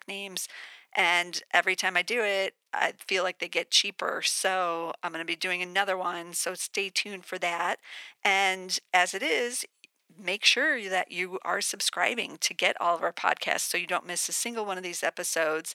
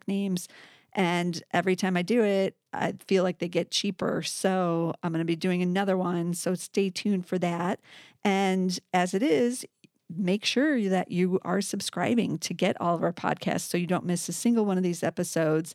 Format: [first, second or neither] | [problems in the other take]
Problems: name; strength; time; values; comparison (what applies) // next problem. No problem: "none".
second | thin; very; fading below 800 Hz